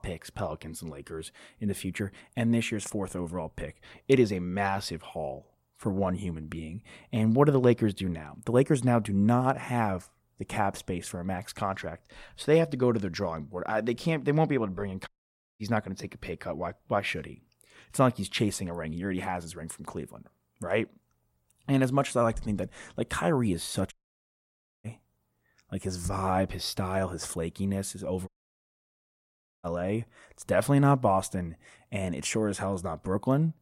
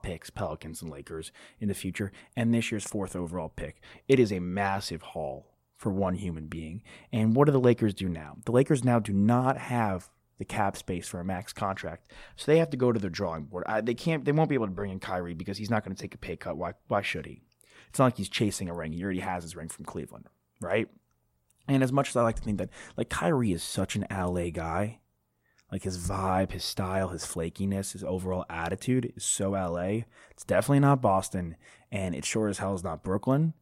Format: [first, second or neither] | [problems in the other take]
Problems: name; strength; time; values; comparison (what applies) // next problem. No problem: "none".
second | audio cutting out; at 15 s for 0.5 s, at 24 s for 1 s and at 28 s for 1.5 s